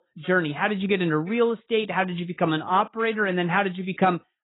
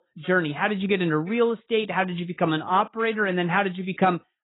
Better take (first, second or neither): neither